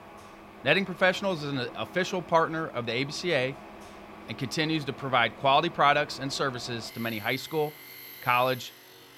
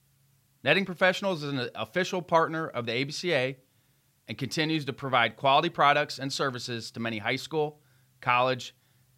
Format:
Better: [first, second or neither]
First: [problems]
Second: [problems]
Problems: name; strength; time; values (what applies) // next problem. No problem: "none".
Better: second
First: machinery noise; noticeable; throughout; 20 dB below the speech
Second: none